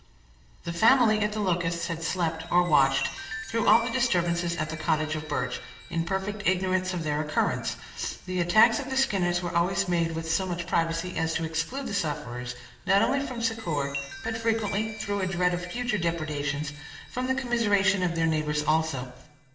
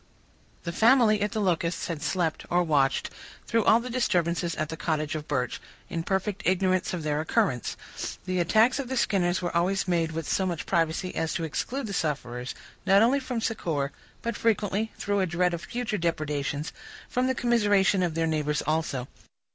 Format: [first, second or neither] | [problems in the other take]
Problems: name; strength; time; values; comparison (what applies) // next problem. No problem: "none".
second | background sound (Chime); 17 dB below the speech // room echo; dies away in 0.9 s